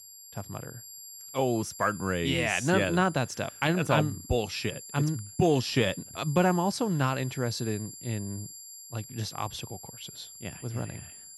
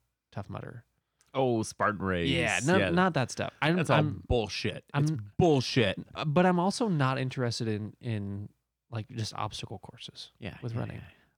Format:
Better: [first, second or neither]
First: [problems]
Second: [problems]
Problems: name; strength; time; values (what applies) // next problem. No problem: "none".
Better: second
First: high-pitched whine; noticeable; throughout; 7.5 kHz, 15 dB below the speech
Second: none